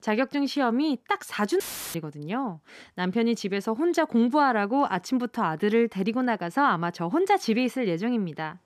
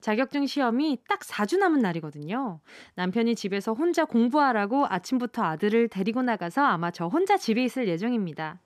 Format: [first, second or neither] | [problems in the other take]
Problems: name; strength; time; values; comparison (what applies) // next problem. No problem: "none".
second | audio cutting out; filled with static; at 1.5 s